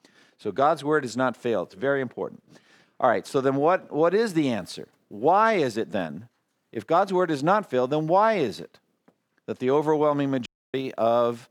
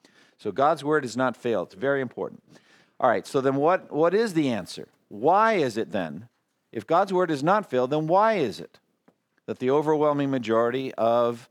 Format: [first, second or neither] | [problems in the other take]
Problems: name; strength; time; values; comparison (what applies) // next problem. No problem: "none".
second | audio cutting out; at 10 s